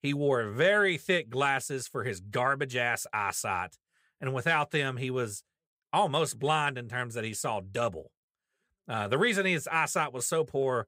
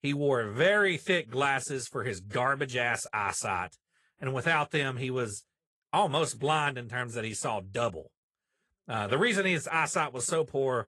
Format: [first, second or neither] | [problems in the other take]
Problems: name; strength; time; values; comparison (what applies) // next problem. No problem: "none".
first | garbled, watery; slightly